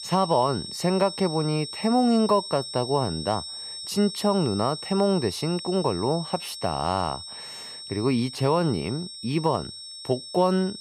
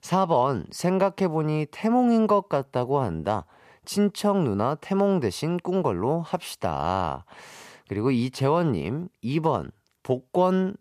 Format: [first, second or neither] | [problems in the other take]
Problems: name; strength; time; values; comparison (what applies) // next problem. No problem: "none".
second | high-pitched whine; loud; throughout; 5.5 kHz, 9 dB below the speech